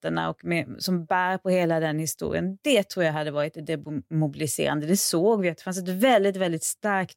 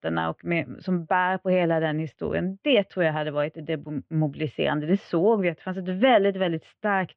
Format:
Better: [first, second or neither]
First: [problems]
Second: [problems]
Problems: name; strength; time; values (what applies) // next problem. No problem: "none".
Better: first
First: none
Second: muffled; very; fading above 3 kHz